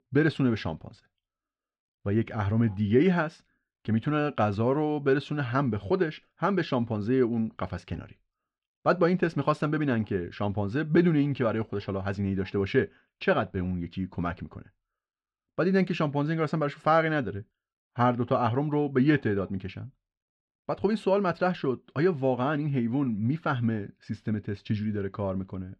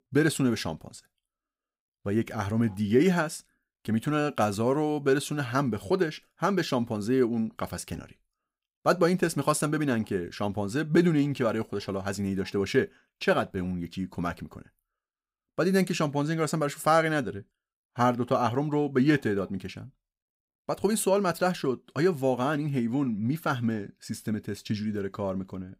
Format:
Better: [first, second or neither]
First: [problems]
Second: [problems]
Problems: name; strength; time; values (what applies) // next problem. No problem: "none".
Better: second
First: muffled; slightly; fading above 3.5 kHz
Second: none